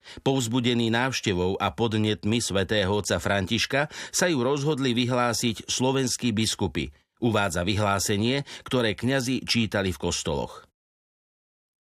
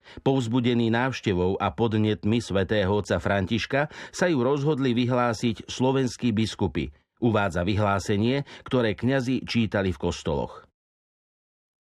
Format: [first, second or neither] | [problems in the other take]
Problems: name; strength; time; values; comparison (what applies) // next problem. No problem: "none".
first | muffled; slightly; fading above 1.5 kHz